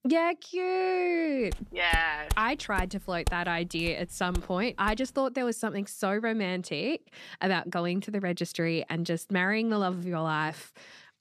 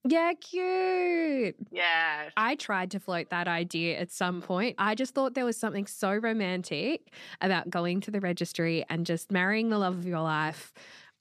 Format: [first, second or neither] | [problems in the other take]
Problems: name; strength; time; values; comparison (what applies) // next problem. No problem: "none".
second | footsteps; noticeable; from 1.5 to 5 s; peak 7 dB below the speech